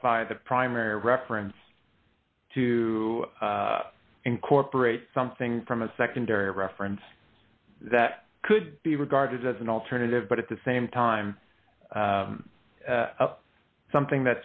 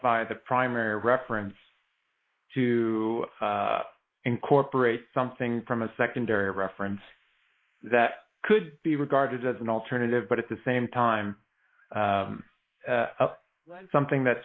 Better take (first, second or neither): first